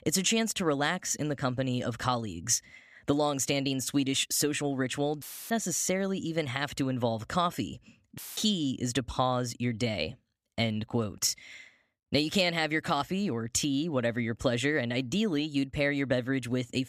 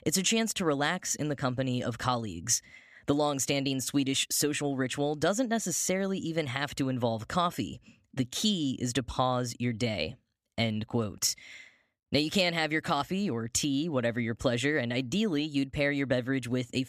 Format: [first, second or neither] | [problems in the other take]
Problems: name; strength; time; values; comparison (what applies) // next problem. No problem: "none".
second | audio cutting out; filled with static; at 5 s and at 8 s